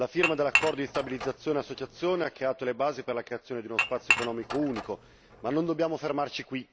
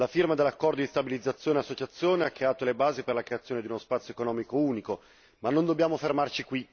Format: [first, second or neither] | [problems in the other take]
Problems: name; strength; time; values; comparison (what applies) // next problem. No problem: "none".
second | background sound (Dishes, pots, and pans / Chink, clink); 2 dB below the speech